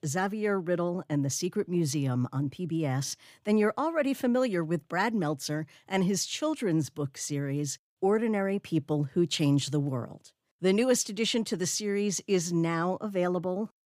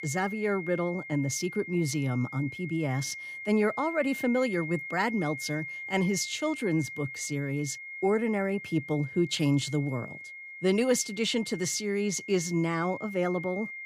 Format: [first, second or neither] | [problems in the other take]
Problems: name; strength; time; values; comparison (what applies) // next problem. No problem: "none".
first | high-pitched whine; loud; throughout; 2 kHz, 10 dB below the speech